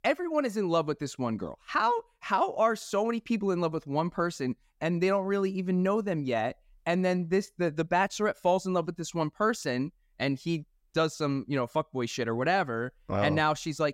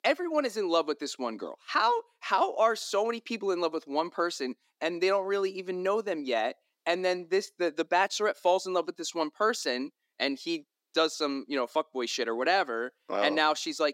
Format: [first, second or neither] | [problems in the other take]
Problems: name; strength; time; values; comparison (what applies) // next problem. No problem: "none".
first | thin; somewhat; fading below 300 Hz